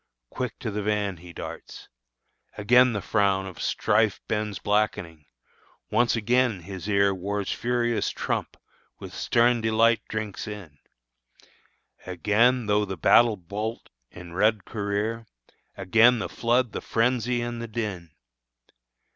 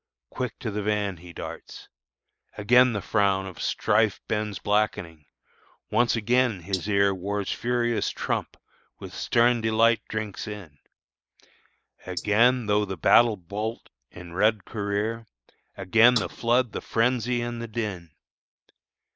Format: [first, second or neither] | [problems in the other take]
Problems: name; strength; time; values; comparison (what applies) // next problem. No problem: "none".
first | noise reduction (neural mask model Resemble Enhance denoiser)